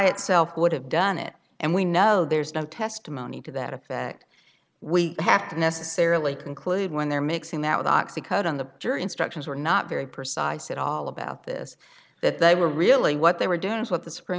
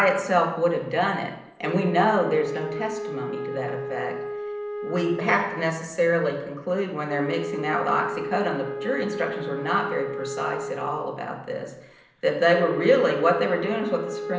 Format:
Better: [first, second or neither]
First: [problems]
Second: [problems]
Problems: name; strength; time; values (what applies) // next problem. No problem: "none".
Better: first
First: none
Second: background sound (Wind instrument, woodwind instrument); 8 dB below the speech // room echo; dies away in 0.8 s